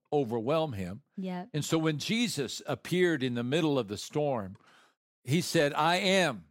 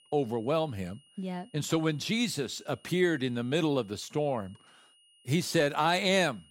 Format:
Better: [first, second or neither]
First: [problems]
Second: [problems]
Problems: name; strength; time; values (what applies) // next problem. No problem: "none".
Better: first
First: none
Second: high-pitched whine; faint; throughout; 3 kHz, 30 dB below the speech